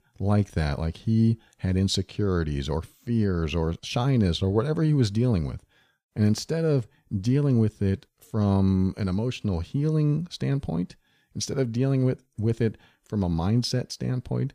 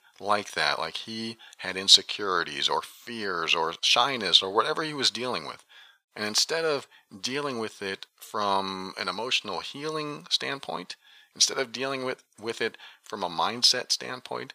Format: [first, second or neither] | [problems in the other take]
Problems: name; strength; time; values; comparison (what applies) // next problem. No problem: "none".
first | thin; very; fading below 800 Hz